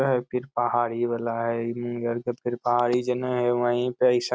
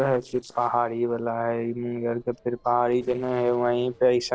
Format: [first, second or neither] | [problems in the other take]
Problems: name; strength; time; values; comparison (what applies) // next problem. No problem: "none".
first | noise reduction (neural separator model SepFormer DNS4)